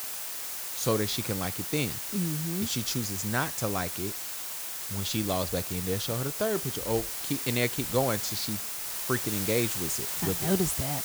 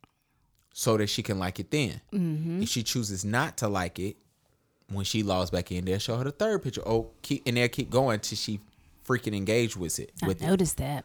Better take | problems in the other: second | hiss; loud; throughout; 1 dB below the speech

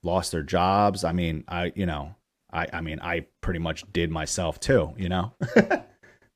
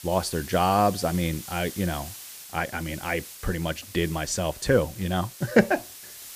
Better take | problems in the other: first | hiss; noticeable; throughout; 15 dB below the speech

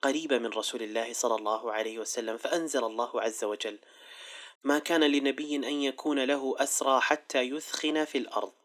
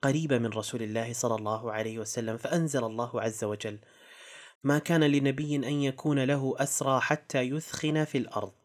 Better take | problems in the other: second | thin; very slightly; fading below 250 Hz

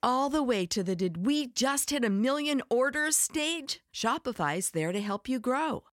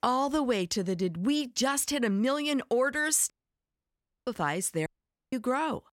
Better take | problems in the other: first | audio cutting out; at 3.5 s for 1 s and at 5 s

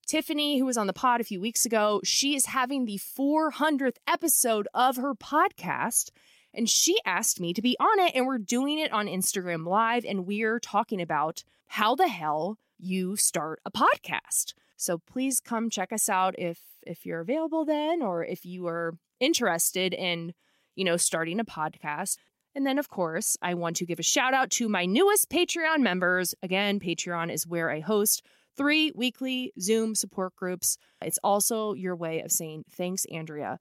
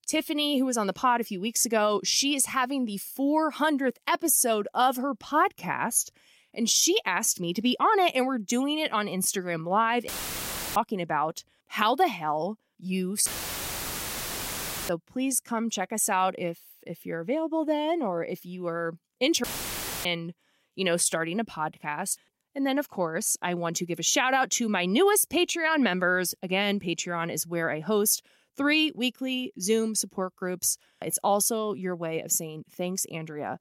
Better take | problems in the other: first | audio cutting out; filled with static; at 10 s for 0.5 s, at 13 s for 1.5 s and at 19 s for 0.5 s

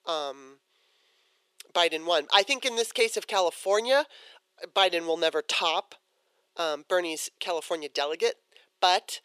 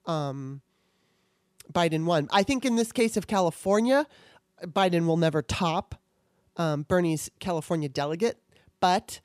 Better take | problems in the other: second | thin; very; fading below 450 Hz

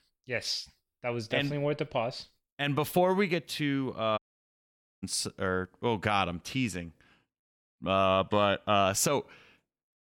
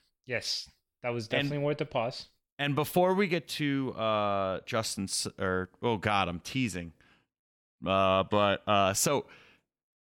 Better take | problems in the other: second | audio cutting out; at 4 s for 1 s

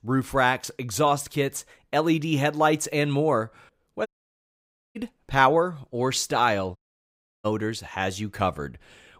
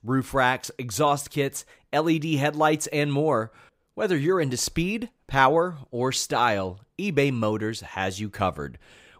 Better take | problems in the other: second | audio cutting out; at 4 s for 1 s and at 7 s for 0.5 s

